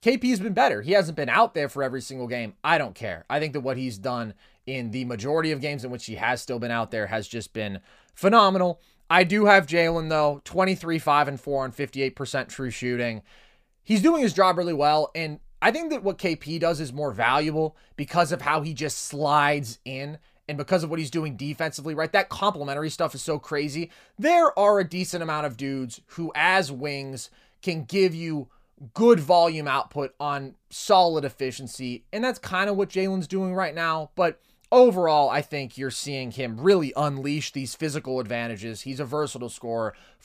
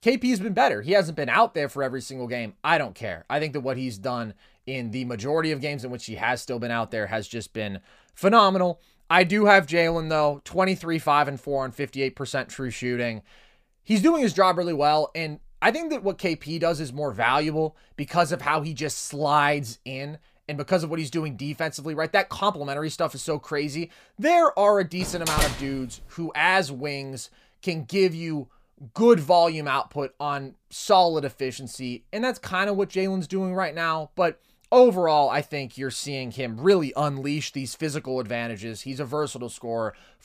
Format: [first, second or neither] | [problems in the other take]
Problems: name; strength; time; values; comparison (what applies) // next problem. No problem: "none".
first | door banging; noticeable; at 25 s; peak 1 dB below the speech